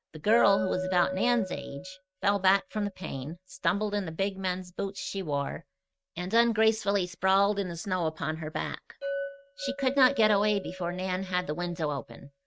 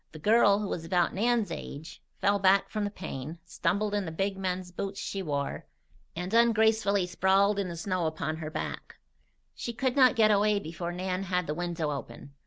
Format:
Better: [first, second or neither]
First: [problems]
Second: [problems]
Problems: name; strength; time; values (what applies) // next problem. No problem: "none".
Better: second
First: noise reduction (neural mask model RNNoise)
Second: none